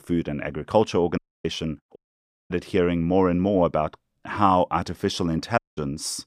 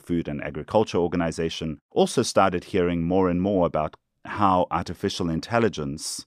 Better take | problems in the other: second | audio cutting out; at 1 s, at 2 s for 0.5 s and at 5.5 s

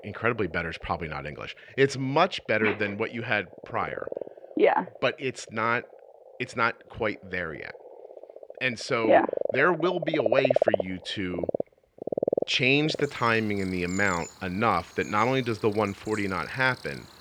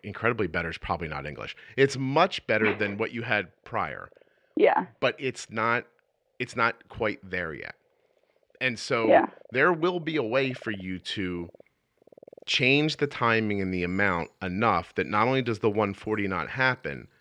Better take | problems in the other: second | animal sounds; loud; throughout; 5 dB below the speech; faint in the second

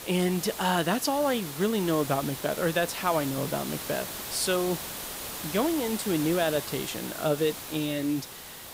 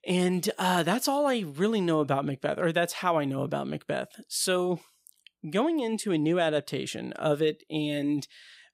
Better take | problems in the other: second | hiss; loud; throughout; 8 dB below the speech

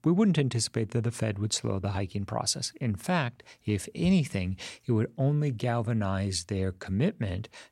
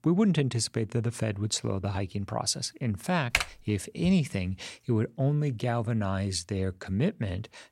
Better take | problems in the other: first | keyboard typing; loud; at 3.5 s; peak 1 dB above the speech

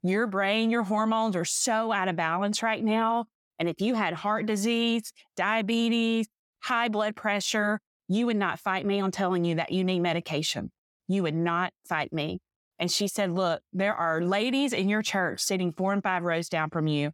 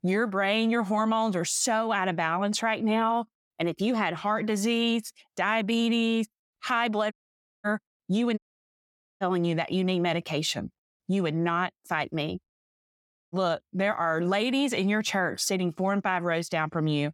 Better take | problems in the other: first | audio cutting out; at 7 s for 0.5 s, at 8.5 s for 1 s and at 12 s for 1 s

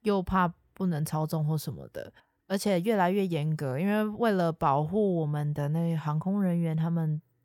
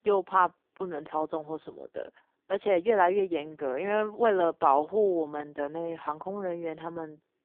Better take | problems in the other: first | phone-call audio; poor line

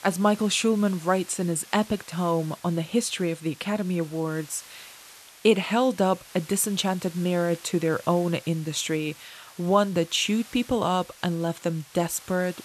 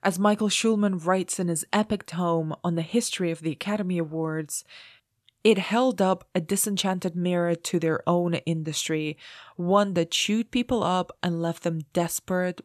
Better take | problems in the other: second | hiss; noticeable; throughout; 20 dB below the speech

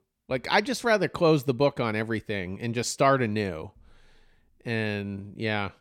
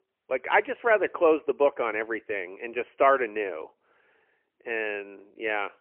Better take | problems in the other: first | phone-call audio; poor line; nothing above 2.5 kHz

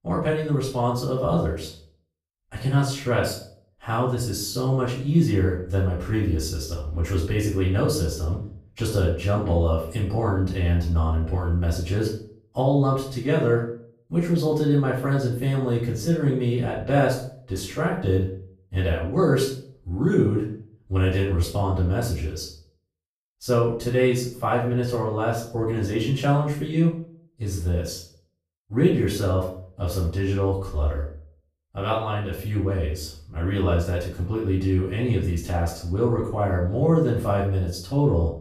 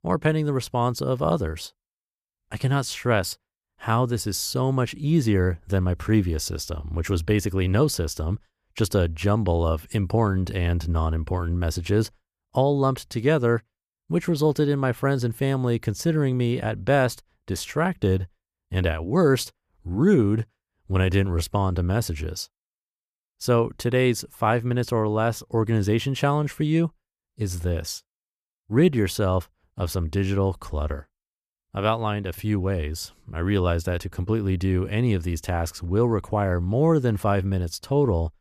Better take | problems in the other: second | off-mic speech; far // room echo; noticeable; dies away in 0.4 s

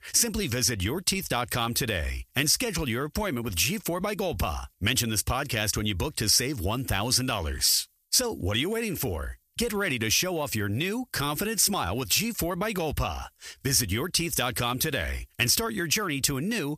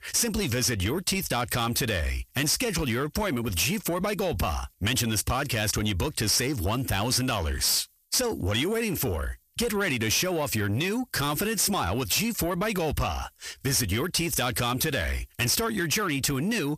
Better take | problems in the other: first | distortion; slight; 10 dB below the speech

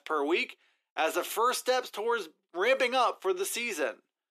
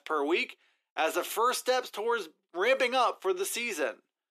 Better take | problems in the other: neither | thin; somewhat; fading below 300 Hz; the same in both

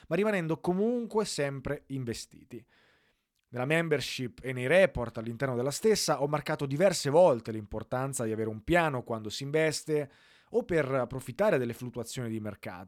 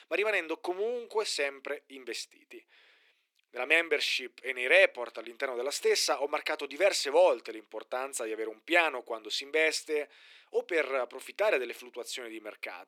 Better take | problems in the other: first | thin; very; fading below 350 Hz

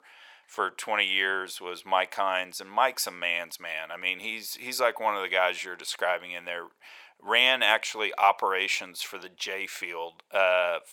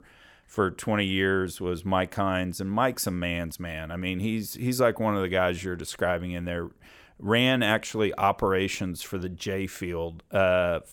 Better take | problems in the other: second | thin; very; fading below 750 Hz

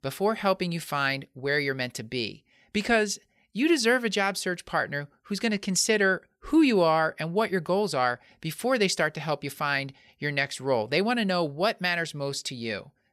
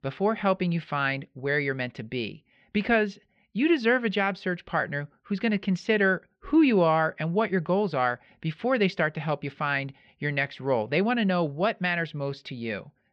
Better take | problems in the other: first | muffled; slightly; fading above 3.5 kHz

